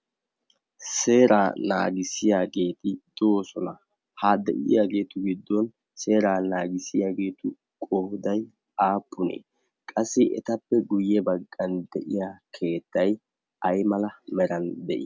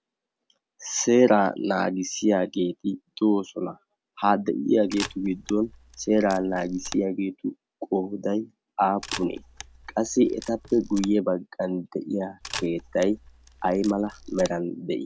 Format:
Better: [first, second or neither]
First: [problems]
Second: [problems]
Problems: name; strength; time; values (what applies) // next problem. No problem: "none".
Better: first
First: none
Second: background sound (Camera); 15 dB below the speech